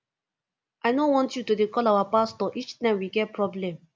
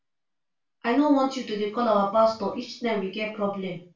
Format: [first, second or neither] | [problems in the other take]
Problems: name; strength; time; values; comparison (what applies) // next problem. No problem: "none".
first | room echo; dies away in 0.3 s